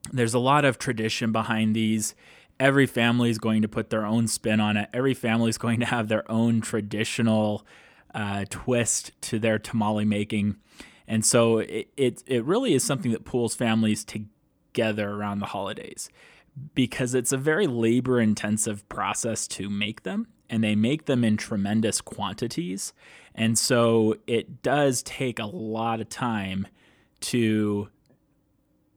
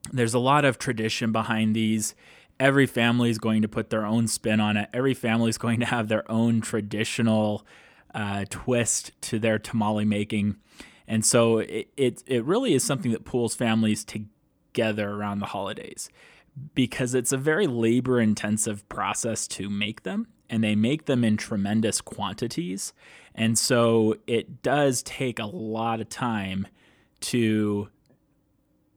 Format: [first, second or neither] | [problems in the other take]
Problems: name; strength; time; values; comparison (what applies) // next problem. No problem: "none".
neither | none